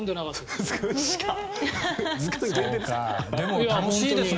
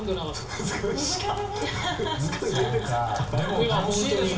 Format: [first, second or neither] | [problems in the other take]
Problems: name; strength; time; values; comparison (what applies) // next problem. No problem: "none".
first | background sound (Rain); 12 dB below the speech // room echo; dies away in 0.3 s